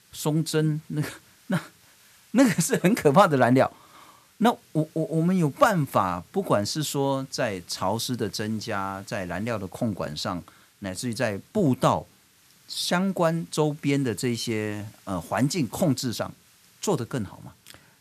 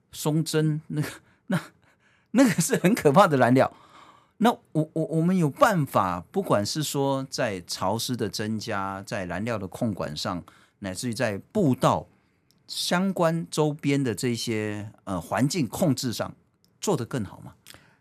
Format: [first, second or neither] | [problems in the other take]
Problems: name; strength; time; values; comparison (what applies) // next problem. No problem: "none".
second | hiss; faint; throughout; 30 dB below the speech